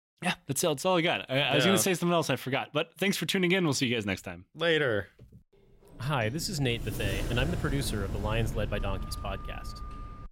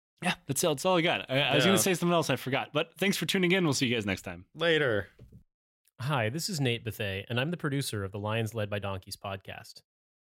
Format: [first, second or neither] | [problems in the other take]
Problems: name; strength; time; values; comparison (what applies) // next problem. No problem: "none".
second | door banging; noticeable; from 6 s on; peak 6 dB below the speech